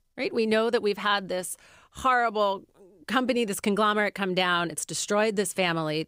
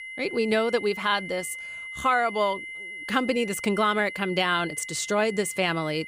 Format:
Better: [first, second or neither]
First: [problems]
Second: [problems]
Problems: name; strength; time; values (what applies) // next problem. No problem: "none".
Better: first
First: none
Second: high-pitched whine; noticeable; throughout; 2 kHz, 10 dB below the speech